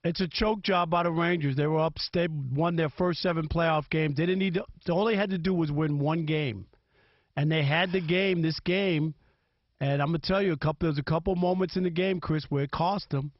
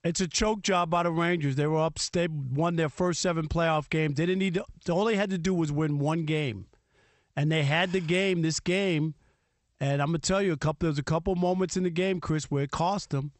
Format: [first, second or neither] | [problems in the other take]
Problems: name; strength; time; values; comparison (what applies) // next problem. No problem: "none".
second | garbled, watery; badly; nothing above 5.5 kHz; slightly in the second